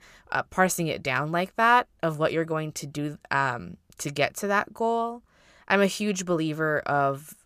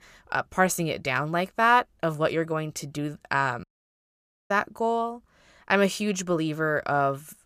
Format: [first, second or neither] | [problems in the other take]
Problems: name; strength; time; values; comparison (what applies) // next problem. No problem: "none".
first | audio cutting out; at 3.5 s for 1 s